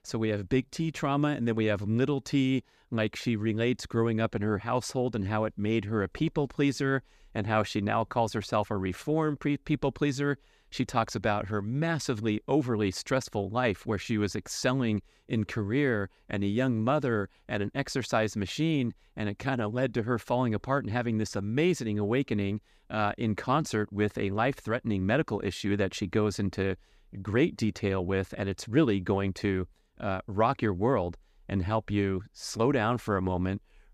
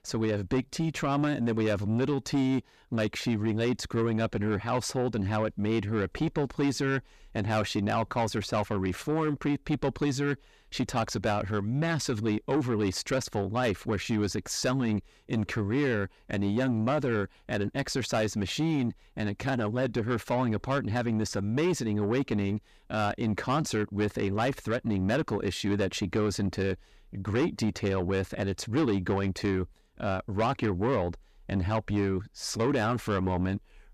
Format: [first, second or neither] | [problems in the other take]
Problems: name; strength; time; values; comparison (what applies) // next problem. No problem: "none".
first | distortion; slight; 10 dB below the speech